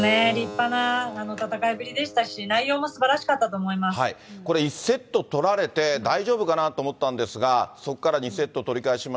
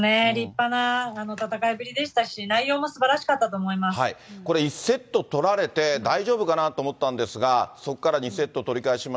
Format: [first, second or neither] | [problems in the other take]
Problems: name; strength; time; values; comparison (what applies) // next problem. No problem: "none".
second | background sound (Keyboard (musical)); 17 dB below the speech